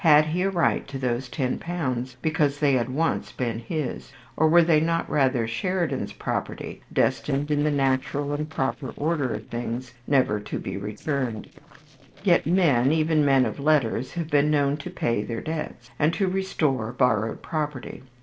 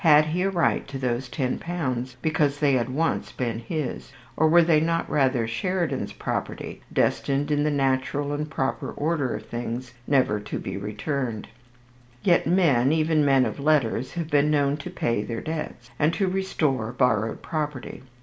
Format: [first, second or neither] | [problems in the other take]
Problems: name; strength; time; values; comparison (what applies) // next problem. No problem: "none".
second | noise reduction (neural separator model SepFormer DNS4)